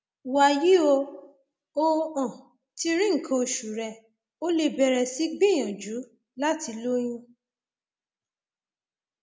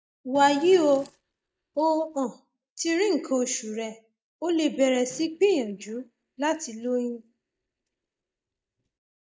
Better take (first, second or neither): first